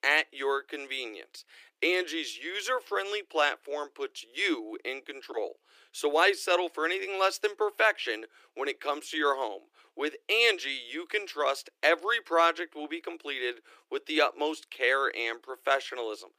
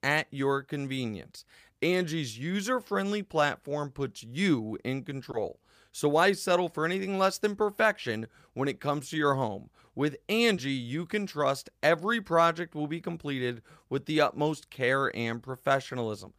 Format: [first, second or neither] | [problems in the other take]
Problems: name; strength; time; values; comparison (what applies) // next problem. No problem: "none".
second | thin; very; fading below 300 Hz